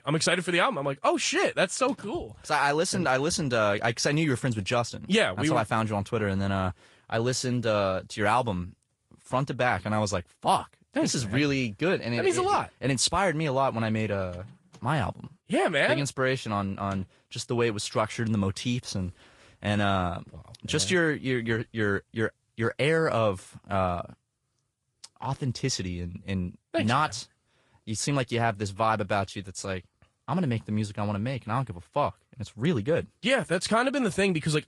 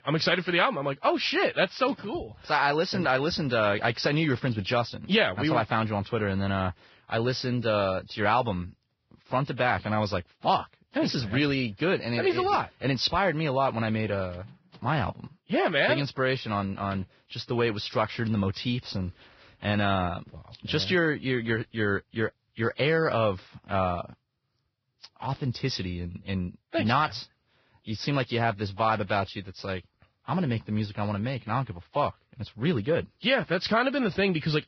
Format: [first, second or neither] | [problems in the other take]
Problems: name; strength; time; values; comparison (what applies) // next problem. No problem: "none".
first | garbled, watery; badly; nothing above 5.5 kHz; slightly in the first